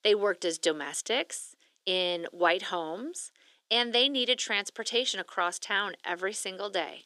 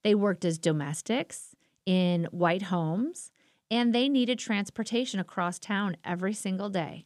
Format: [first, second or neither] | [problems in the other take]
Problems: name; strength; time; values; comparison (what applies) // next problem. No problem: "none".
second | thin; very; fading below 350 Hz